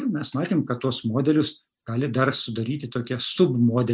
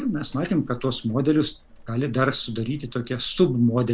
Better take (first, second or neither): first